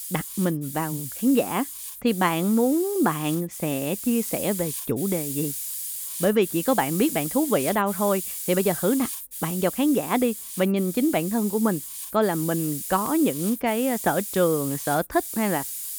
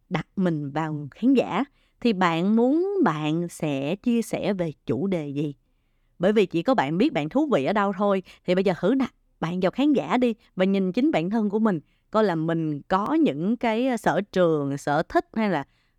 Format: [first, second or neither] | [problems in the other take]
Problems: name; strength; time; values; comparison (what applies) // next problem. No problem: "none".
second | hiss; loud; throughout; 7 dB below the speech